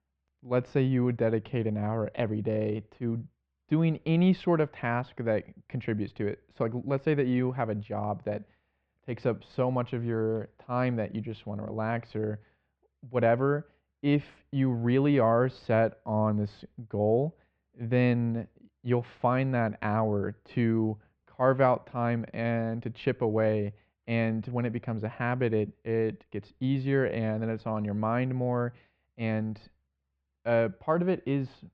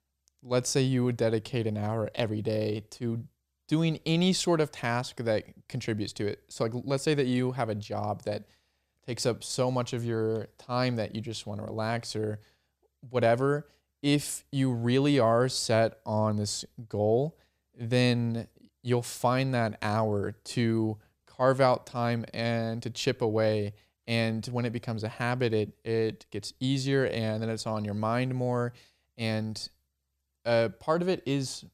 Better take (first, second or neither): second